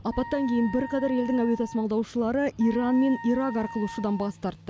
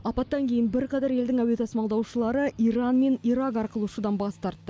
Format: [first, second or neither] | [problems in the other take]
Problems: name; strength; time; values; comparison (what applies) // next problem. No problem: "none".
second | background sound (Wind instrument, woodwind instrument); 14 dB below the speech